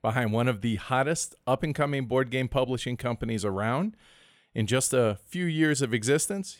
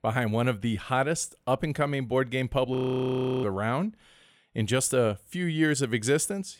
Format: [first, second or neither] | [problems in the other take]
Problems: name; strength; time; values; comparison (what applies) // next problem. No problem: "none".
first | audio freezing; at 3 s for 0.5 s